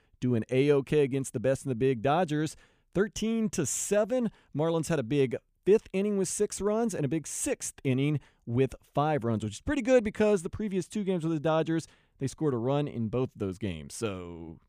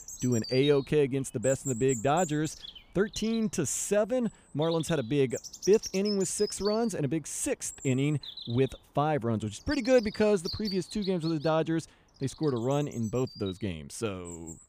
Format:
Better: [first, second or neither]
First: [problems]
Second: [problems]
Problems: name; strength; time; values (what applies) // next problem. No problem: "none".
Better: first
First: none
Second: animal sounds; noticeable; throughout; 10 dB below the speech